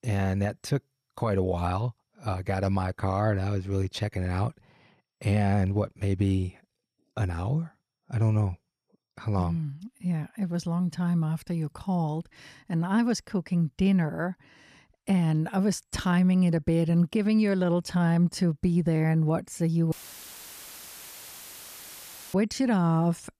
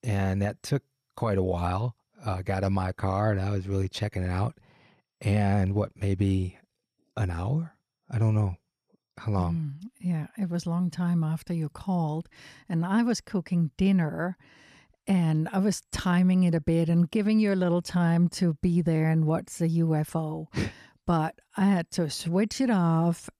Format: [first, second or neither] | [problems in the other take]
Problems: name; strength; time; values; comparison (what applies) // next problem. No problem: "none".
second | audio cutting out; filled with static; at 20 s for 2.5 s